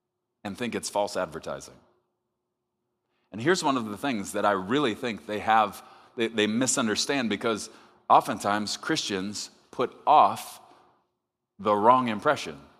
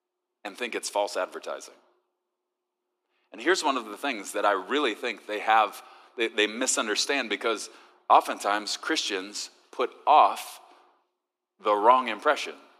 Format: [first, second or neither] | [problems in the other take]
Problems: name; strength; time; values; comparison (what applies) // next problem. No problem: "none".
first | thin; somewhat; fading below 300 Hz